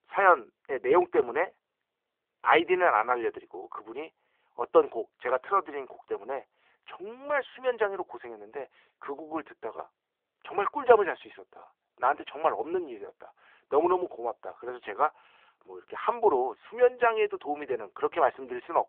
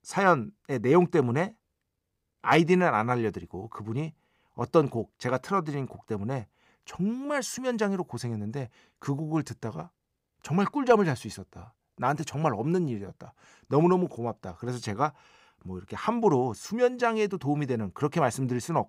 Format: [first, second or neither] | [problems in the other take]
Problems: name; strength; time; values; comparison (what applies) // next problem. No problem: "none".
second | phone-call audio